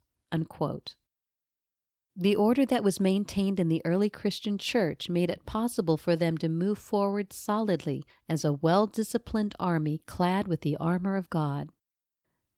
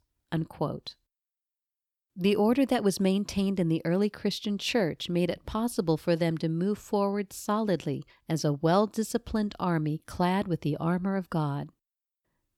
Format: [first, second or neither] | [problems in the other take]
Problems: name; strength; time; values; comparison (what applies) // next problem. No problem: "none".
second | garbled, watery; slightly